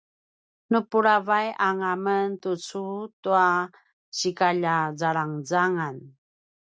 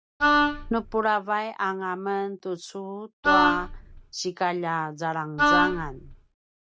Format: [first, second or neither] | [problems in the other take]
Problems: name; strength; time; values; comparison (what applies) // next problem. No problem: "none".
first | background sound (Wind instrument, woodwind instrument); 5 dB above the speech